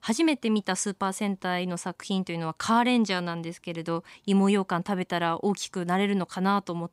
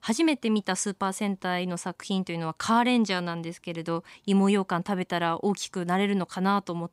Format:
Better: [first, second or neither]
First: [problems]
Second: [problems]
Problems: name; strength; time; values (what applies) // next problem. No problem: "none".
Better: neither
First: none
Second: none